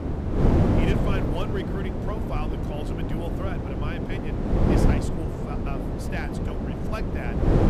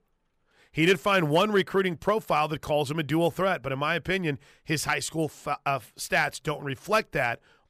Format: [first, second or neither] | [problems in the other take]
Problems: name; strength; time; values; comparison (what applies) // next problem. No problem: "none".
second | wind noise on the microphone; heavy; 5 dB above the speech